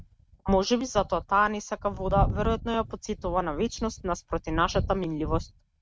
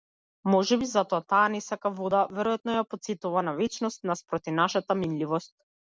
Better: second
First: noise reduction (neural mask model RNNoise)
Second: none

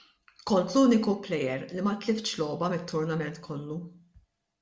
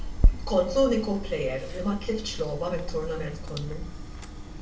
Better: first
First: none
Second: background sound (Chewing, mastication); 1 dB above the speech // room echo; dies away in 0.3 s

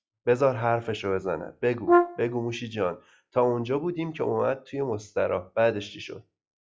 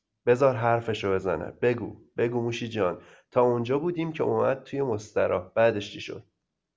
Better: second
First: noise reduction (classical method log-MMSE)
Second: none

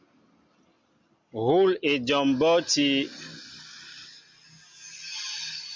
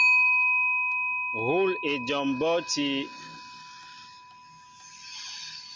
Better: first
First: none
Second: background sound (Clock); 3 dB above the speech

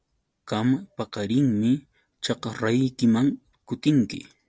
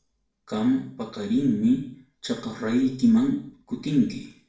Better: first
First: none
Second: room echo; dies away in 0.5 s

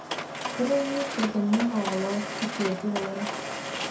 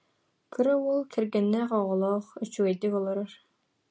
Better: second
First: background sound (Mechanisms); 4 dB below the speech // room echo; dies away in 0.4 s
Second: none

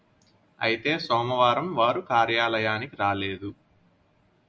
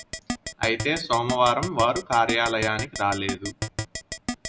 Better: first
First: none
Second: background sound (Keyboard (musical)); 7 dB below the speech

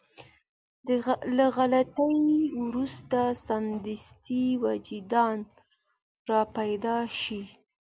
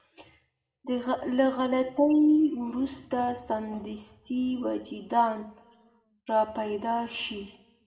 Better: first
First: none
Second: room echo; dies away in 0.8 s

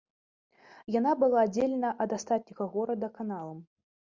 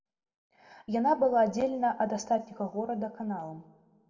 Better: first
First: none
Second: room echo; dies away in 1 s

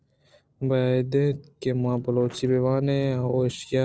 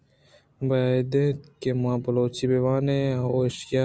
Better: second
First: noise reduction (neural separator model SepFormer DNS4)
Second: none

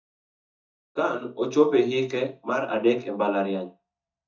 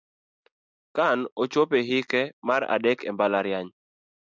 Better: second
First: noise reduction (neural mask model DeepFilterNet 3)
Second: none

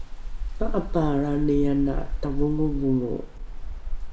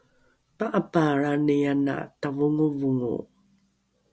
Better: second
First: background sound (Rain); 1 dB below the speech // room echo; dies away in 0.8 s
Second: none

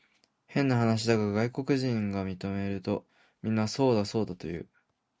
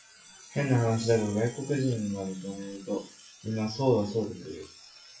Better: first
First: none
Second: noise reduction (classical method WPE with log-MMSE)

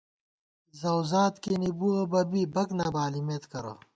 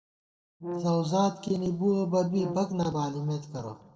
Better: first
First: none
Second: noise reduction (neural separator model SepFormer DNS4)

